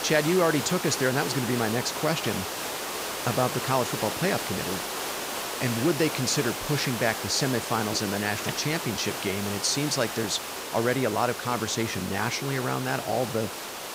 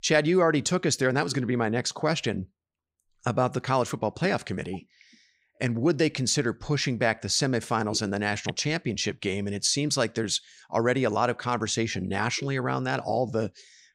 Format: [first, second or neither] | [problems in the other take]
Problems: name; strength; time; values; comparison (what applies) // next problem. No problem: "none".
second | hiss; loud; throughout; 4 dB below the speech